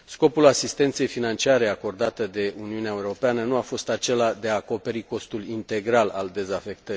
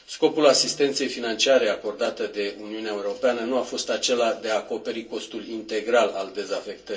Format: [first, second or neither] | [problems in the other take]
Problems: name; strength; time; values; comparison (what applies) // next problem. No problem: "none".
first | room echo; dies away in 0.2 s